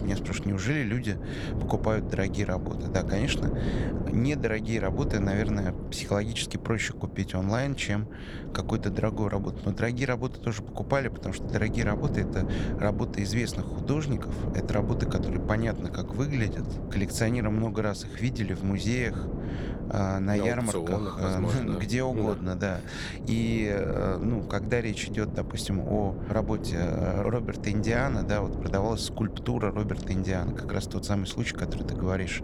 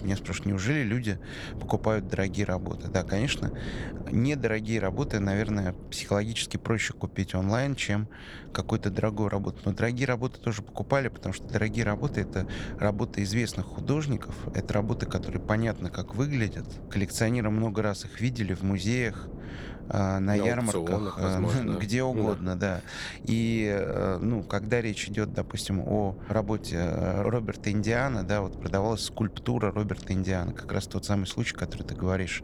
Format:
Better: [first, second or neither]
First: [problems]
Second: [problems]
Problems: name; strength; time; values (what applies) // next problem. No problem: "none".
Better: second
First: wind noise on the microphone; heavy; 9 dB below the speech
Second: wind noise on the microphone; occasional gusts; 15 dB below the speech